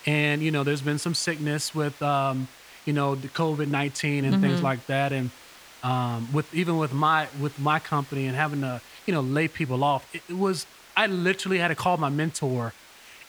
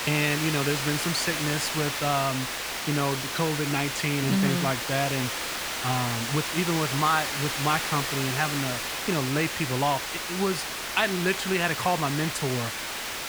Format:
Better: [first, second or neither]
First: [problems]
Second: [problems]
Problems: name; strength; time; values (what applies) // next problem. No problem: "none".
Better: first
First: hiss; faint; throughout; 20 dB below the speech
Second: hiss; loud; throughout; 2 dB below the speech